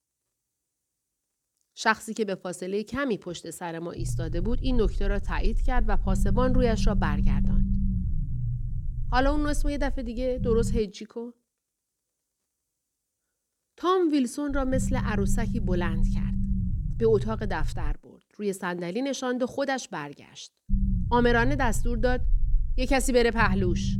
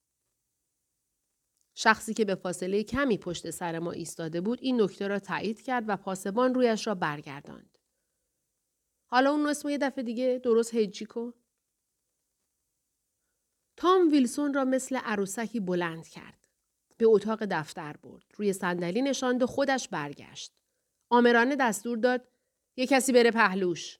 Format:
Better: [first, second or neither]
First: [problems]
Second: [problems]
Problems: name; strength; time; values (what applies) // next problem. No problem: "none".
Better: second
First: low rumble; noticeable; from 4 to 11 s, from 15 to 18 s and from 21 s on; 15 dB below the speech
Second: none